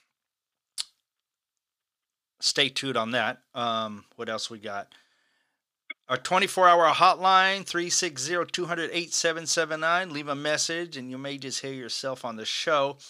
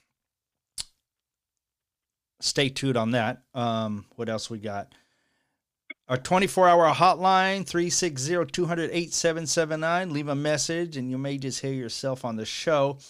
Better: second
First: thin; somewhat; fading below 400 Hz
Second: none

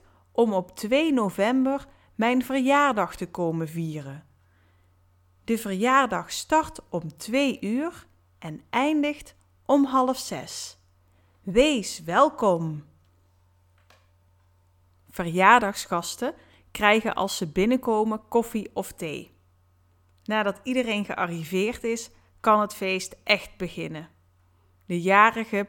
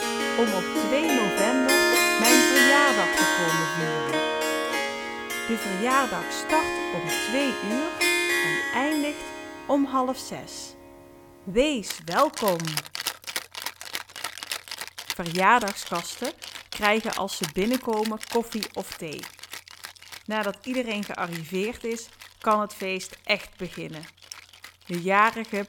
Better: first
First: none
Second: background music; very loud; throughout; 1 dB above the speech

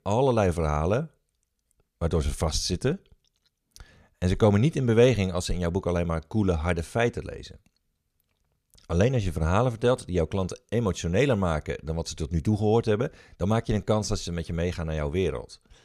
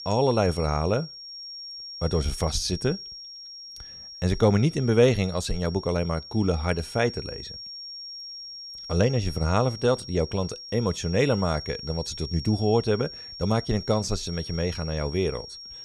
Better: first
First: none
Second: high-pitched whine; noticeable; throughout; 5.5 kHz, 10 dB below the speech

